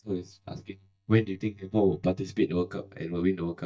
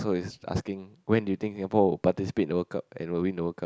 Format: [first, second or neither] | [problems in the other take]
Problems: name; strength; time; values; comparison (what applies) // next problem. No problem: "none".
second | noise reduction (neural mask model DeepFilterNet 3)